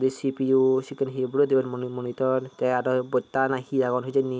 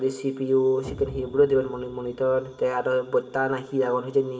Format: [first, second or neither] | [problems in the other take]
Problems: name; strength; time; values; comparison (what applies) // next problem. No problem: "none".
first | background sound (Explosion); 19 dB below the speech // room echo; dies away in 2.4 s